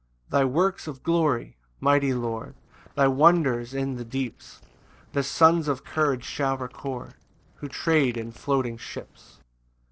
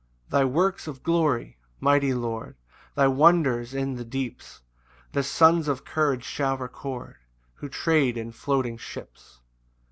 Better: second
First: noise reduction (neural separator model SepFormer DNS4)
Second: none

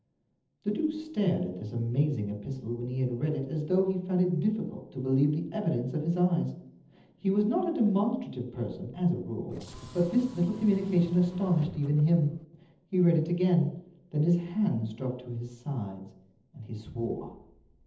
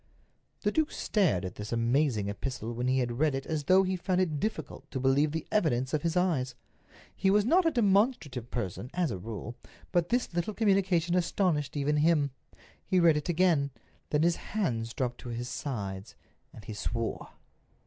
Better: second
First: noise reduction (neural separator model SepFormer DNS4)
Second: none

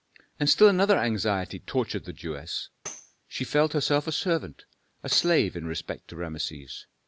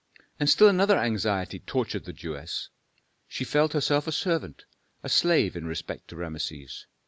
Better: second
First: background sound (Tambourine); 19 dB below the speech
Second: none

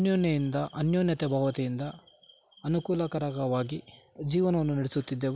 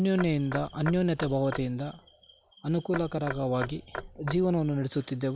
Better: first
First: none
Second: background sound (Knock / Wood); 12 dB below the speech

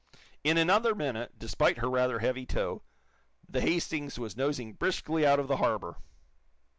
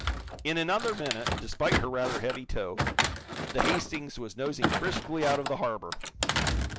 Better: first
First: none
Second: background sound (Thump, thud); as loud as the speech

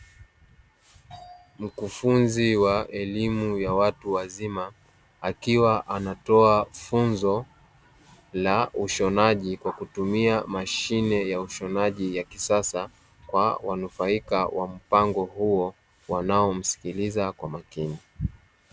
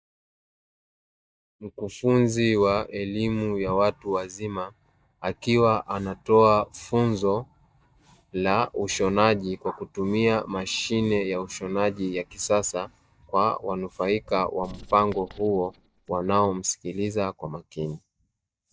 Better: first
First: none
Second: noise reduction (neural mask model DeepFilterNet 3)

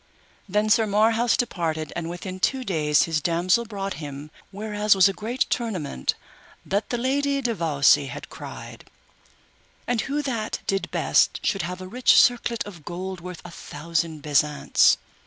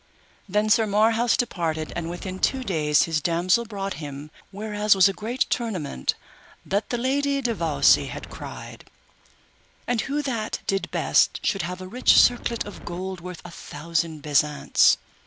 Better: first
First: none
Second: background sound (Wind); 13 dB below the speech

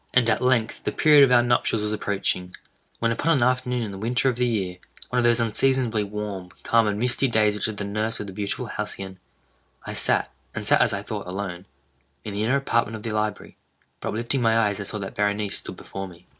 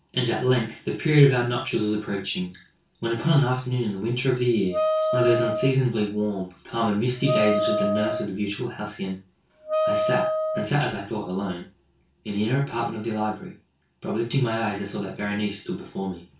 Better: first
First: none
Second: background sound (Wind instrument, woodwind instrument); as loud as the speech // room echo; dies away in 0.2 s

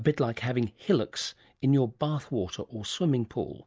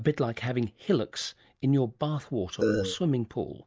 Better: first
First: none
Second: background sound (Burping, eructation); 1 dB above the speech

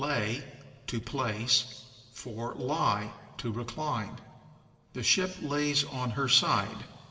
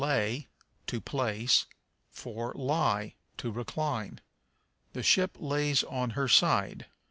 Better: second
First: background sound (Cowbell); 19 dB below the speech // room echo; dies away in 1.9 s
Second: none

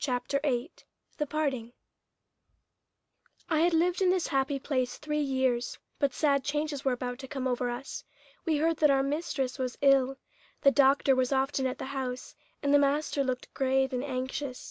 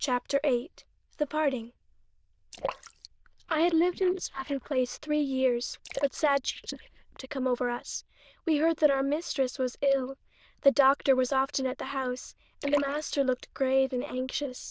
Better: first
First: none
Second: noise reduction (neural diffusion model UNIVERSE++)

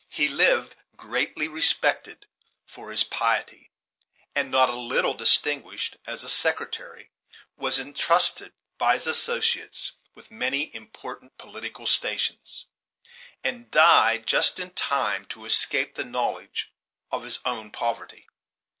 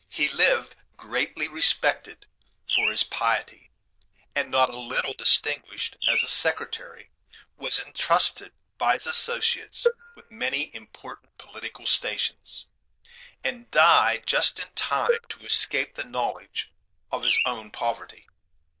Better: first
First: none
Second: noise reduction (neural diffusion model UNIVERSE++)

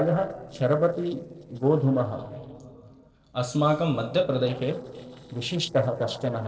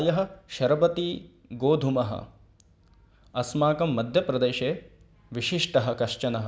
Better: second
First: noise reduction (neural separator model SepFormer DNS4)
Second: none

